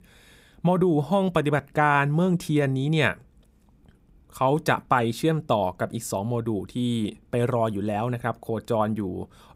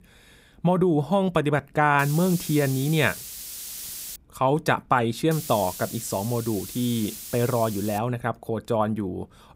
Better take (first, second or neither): first